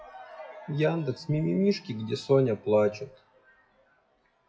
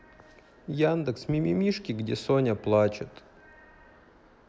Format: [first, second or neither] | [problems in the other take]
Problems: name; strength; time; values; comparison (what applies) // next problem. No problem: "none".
second | noise reduction (classical method WPE with log-MMSE)